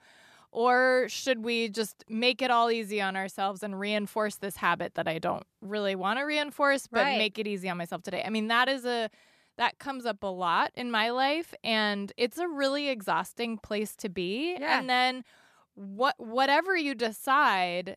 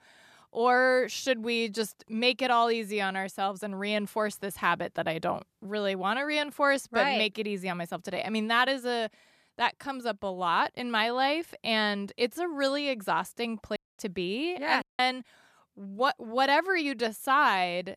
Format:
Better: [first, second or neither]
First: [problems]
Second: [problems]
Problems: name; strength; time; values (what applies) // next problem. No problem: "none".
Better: first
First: none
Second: audio cutting out; at 14 s and at 15 s